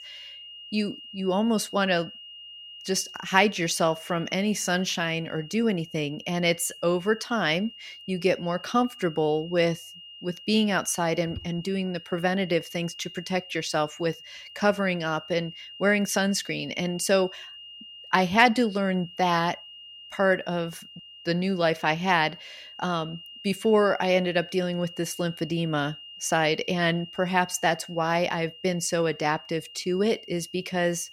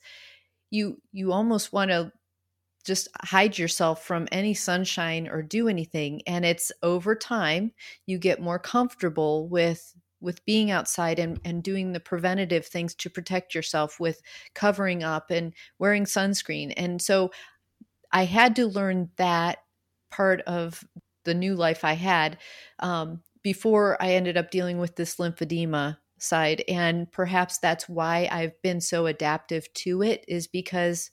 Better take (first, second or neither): second